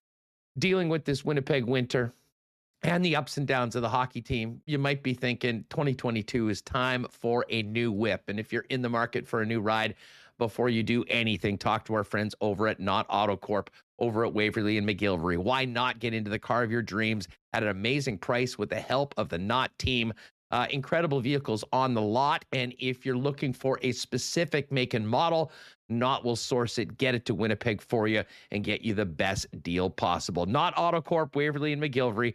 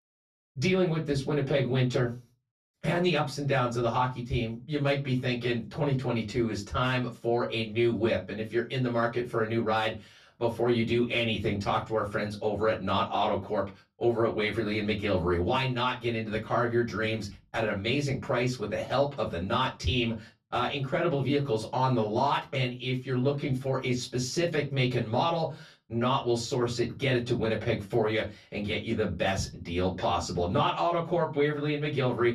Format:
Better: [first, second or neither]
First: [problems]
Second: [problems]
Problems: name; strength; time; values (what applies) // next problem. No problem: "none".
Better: first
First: none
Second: off-mic speech; far // room echo; very slight; dies away in 0.2 s